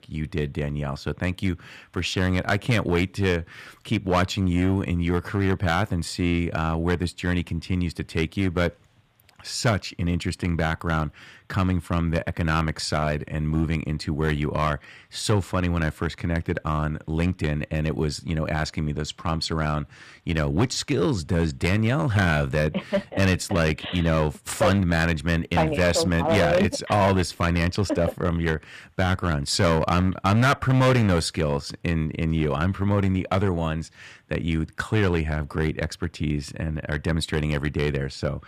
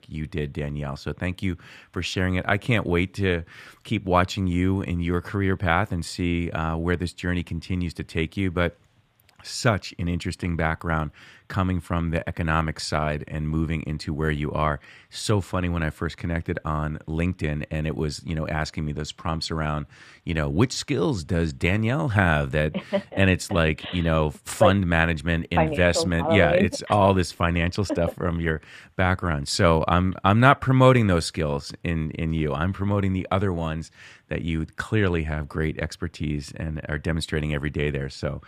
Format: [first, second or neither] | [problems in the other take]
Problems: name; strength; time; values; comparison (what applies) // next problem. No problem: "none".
second | distortion; slight; 4% of the sound clipped